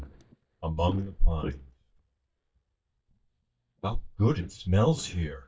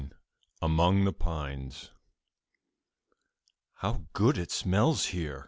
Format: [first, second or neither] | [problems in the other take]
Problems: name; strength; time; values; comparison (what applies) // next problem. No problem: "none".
second | noise reduction (neural mask model DeepFilterNet 3)